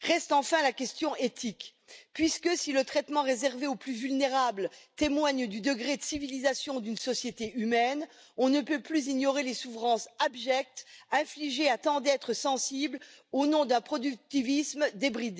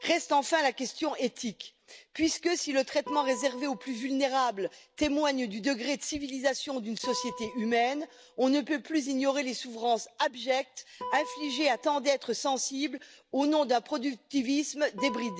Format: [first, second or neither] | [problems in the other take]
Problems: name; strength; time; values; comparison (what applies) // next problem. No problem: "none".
first | background sound (Guitar); 17 dB below the speech